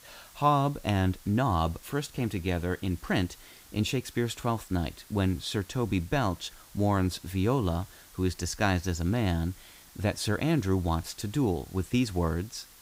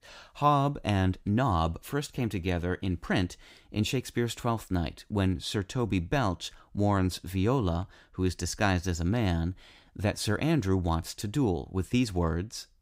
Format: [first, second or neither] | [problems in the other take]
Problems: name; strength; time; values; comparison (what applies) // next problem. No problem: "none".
second | hiss; faint; throughout; 20 dB below the speech